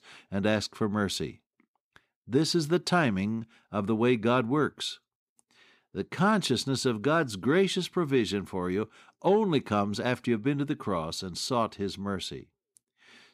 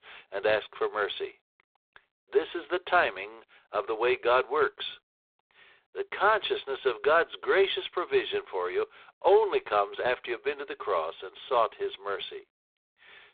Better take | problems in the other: first | phone-call audio; poor line

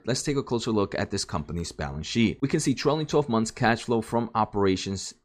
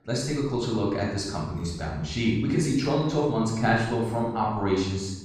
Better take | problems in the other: first | off-mic speech; far // room echo; noticeable; dies away in 0.9 s

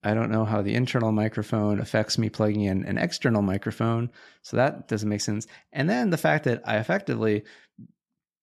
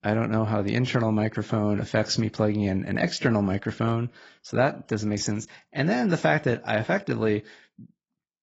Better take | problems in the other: first | garbled, watery; badly; nothing above 7.5 kHz

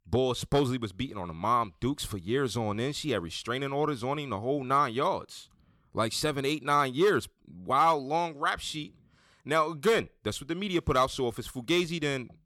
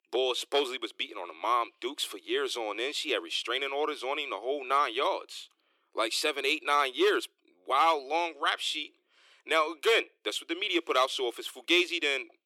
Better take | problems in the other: first | thin; very; fading below 350 Hz

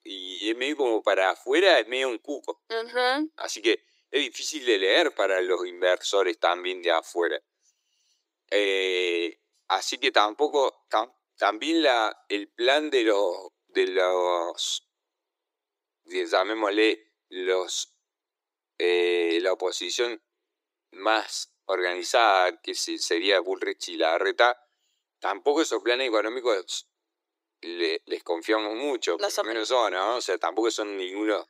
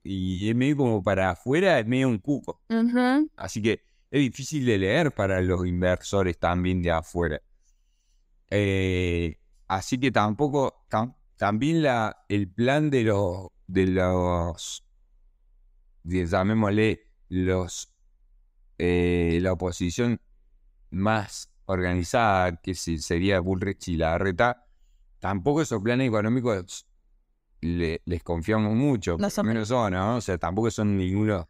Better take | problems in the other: second | thin; very; fading below 350 Hz

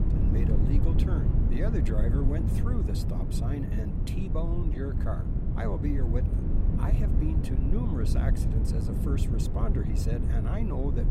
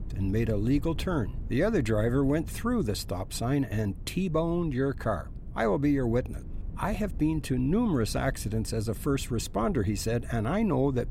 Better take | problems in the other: second | low rumble; loud; throughout; 1 dB below the speech; faint in the second

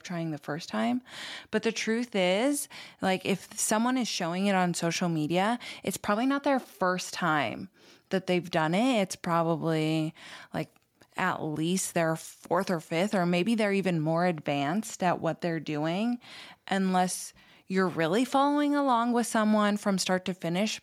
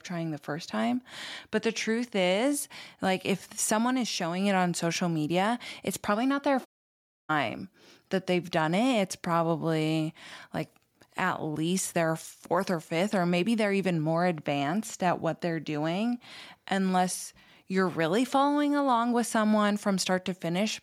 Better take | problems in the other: first | audio cutting out; at 6.5 s for 0.5 s

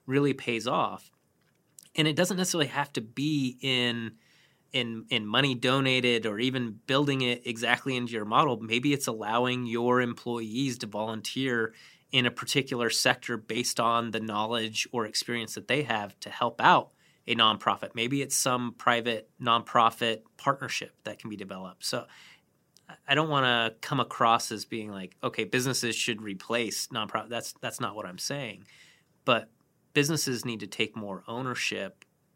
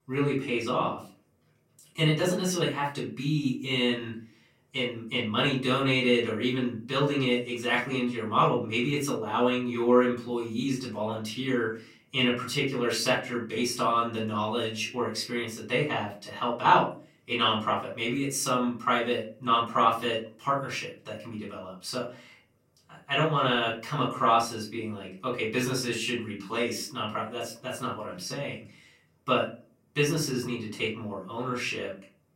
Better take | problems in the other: first | off-mic speech; far // room echo; slight; dies away in 0.3 s

